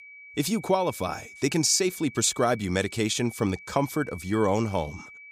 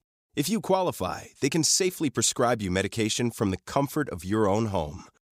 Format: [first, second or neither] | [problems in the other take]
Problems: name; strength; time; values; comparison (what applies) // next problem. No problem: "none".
second | high-pitched whine; noticeable; throughout; 2.5 kHz, 20 dB below the speech